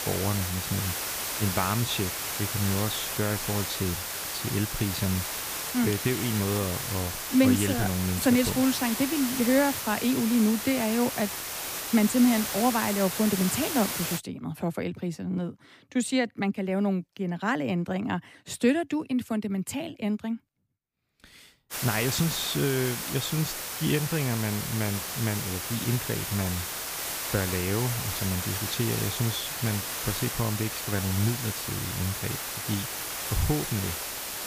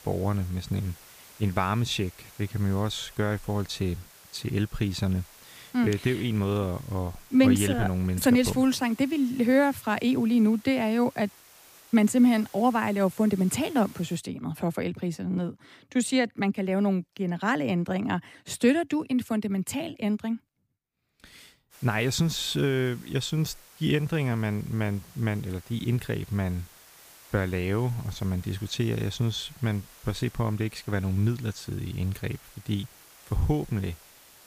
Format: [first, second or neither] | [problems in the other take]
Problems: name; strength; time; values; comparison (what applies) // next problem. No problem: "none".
second | hiss; loud; until 14 s and from 22 s on; 3 dB below the speech; faint in the second